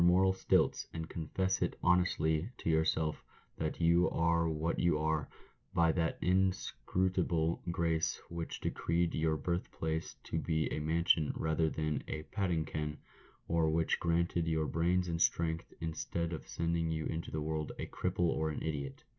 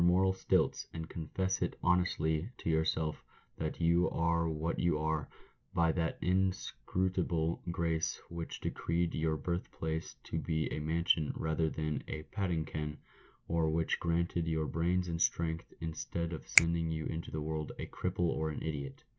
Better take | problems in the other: first | background sound (Finger snapping); 4 dB below the speech

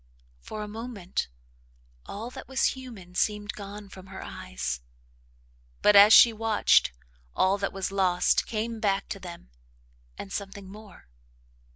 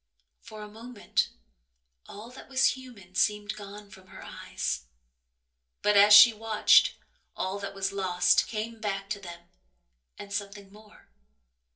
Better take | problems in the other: first | room echo; dies away in 0.3 s

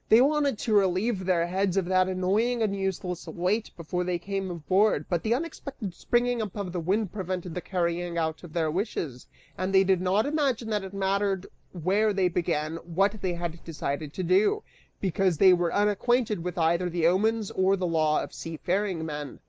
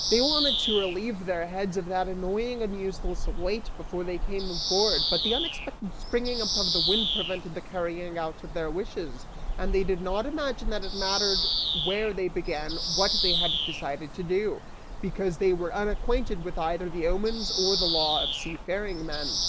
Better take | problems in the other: first | background sound (Bird vocalization, bird call, bird song); as loud as the speech

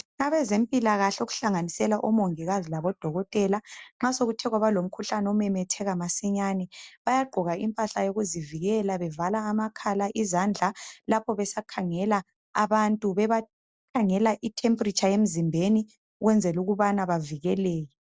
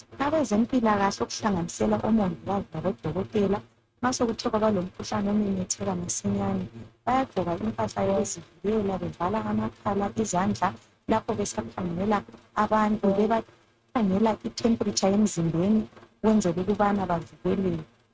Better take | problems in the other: first | noise reduction (neural mask model RNNoise)

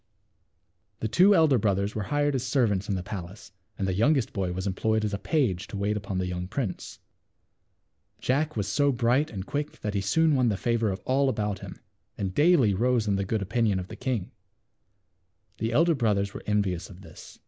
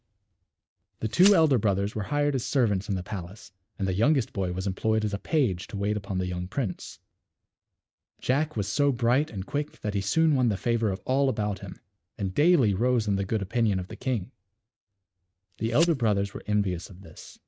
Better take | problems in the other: first | noise reduction (neural mask model RNNoise)

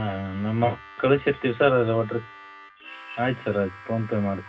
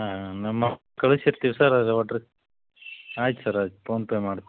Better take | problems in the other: second | background sound (Harmonica); 19 dB below the speech // room echo; dies away in 0.4 s

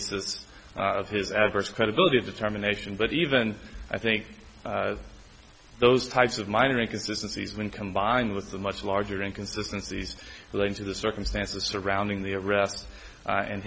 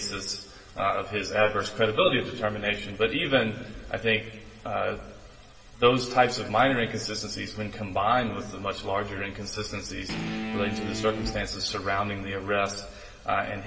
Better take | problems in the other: first | background sound (Guitar); 6 dB below the speech // room echo; dies away in 1.9 s

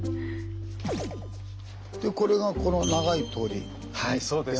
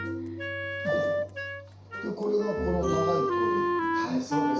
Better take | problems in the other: first | background sound (Wind instrument, woodwind instrument); 3 dB above the speech // room echo; dies away in 0.6 s

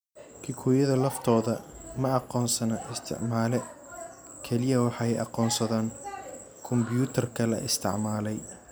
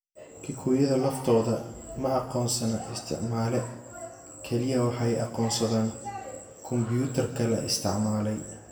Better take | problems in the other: first | room echo; dies away in 0.8 s

